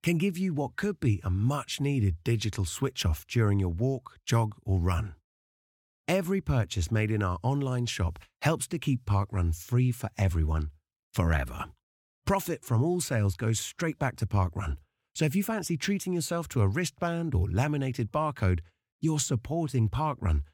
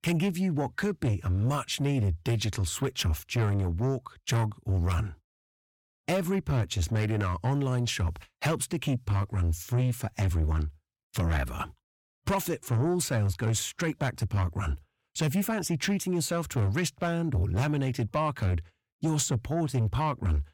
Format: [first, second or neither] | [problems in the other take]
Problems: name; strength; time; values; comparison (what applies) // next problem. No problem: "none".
first | distortion; slight; 10 dB below the speech